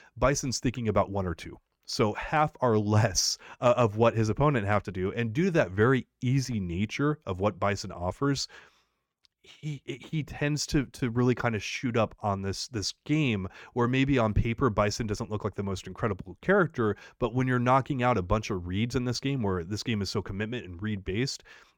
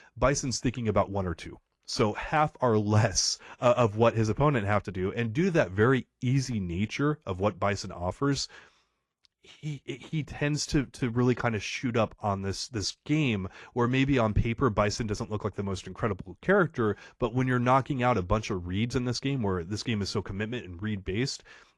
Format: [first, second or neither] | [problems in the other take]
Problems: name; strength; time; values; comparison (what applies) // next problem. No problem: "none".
first | garbled, watery; slightly